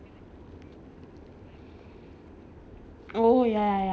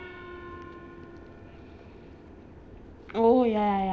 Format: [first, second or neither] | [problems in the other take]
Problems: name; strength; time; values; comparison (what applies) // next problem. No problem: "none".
first | background sound (Gong); 20 dB below the speech